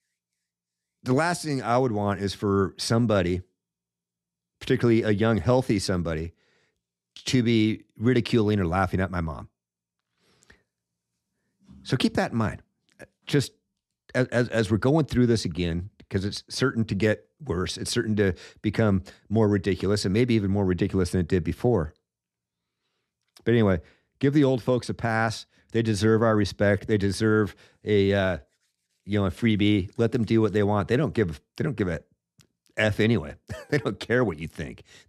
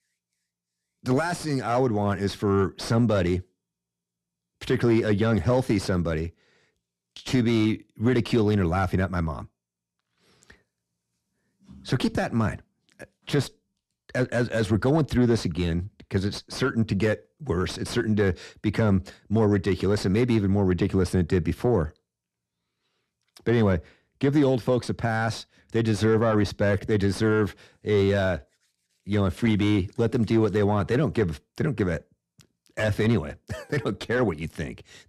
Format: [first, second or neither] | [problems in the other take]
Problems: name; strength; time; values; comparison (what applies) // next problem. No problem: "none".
first | distortion; slight; 10 dB below the speech